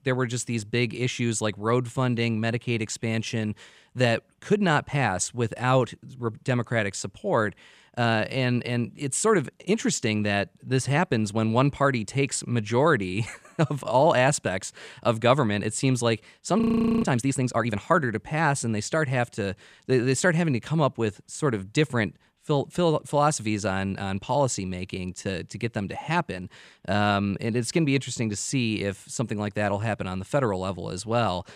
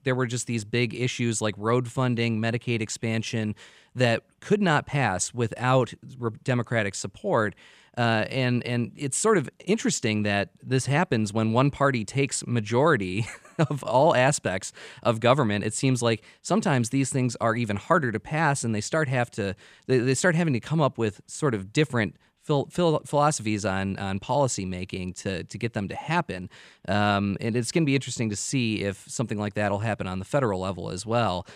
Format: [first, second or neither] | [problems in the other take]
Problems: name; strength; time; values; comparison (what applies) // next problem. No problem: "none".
second | audio freezing; at 17 s